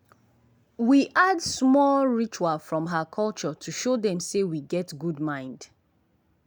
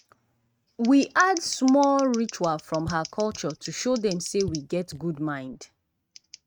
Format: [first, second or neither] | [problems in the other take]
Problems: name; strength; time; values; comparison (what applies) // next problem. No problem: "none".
first | noise reduction (neural mask model RNNoise)